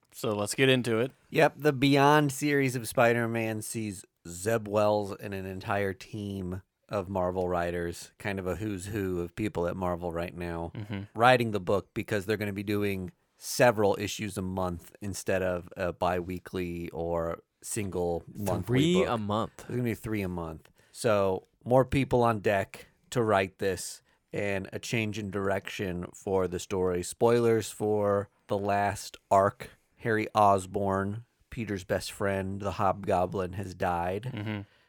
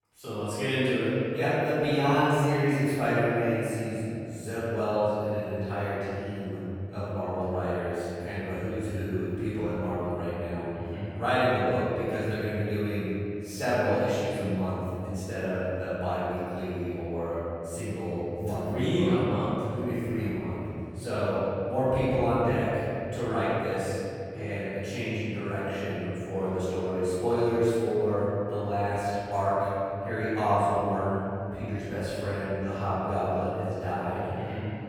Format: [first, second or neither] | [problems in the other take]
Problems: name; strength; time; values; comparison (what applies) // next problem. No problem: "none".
first | room echo; strong; dies away in 3 s // off-mic speech; far